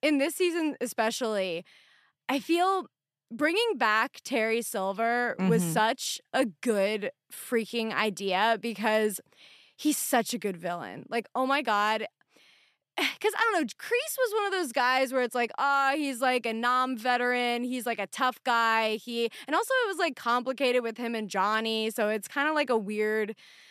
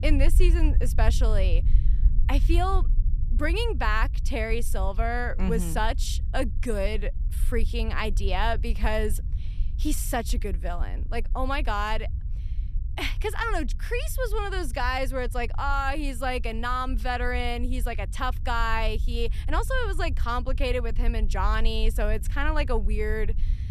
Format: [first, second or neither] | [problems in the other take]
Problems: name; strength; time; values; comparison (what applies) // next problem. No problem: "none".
first | low rumble; faint; throughout; 20 dB below the speech